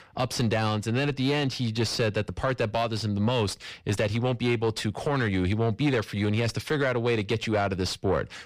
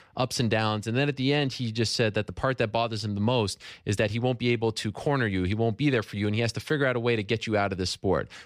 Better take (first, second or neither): second